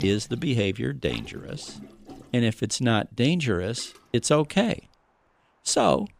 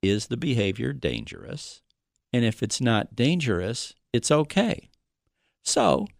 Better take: second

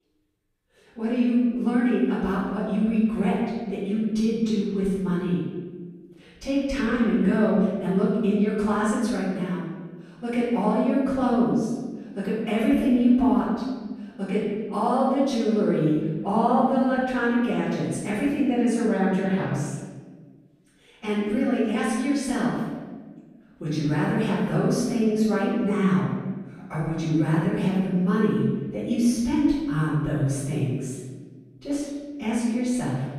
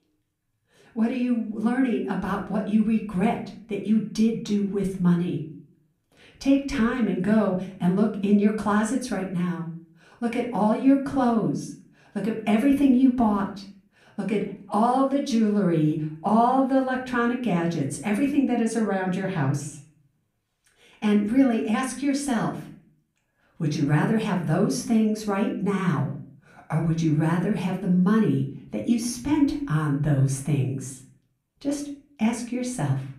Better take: second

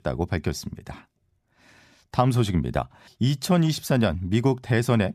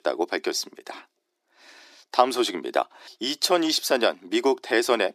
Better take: first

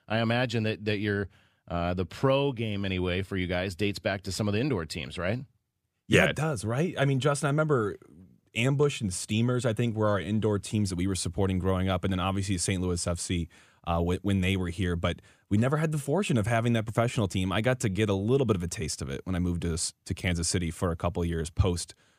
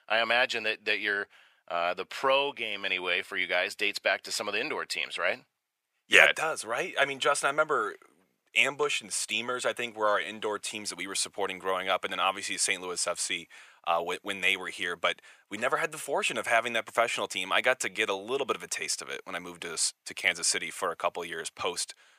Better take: first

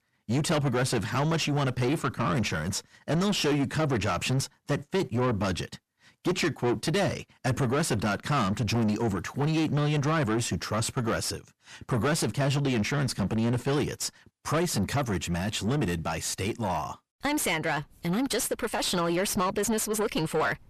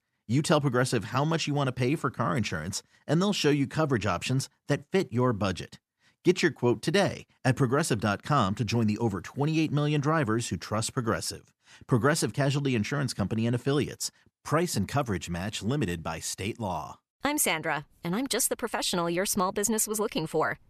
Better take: second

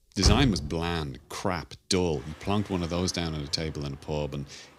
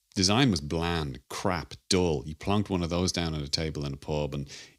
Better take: second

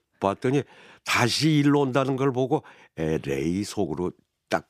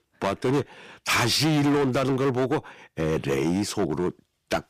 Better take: first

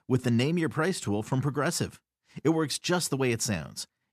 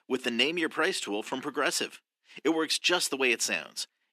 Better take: first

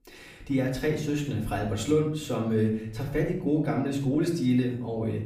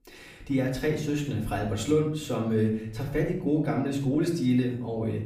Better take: neither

